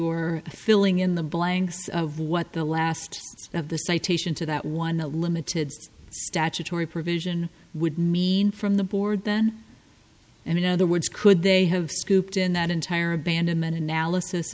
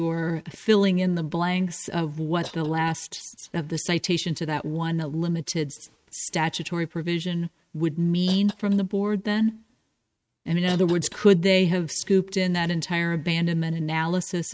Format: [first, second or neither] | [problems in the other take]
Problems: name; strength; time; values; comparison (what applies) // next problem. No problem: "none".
first | noise reduction (neural mask model RNNoise)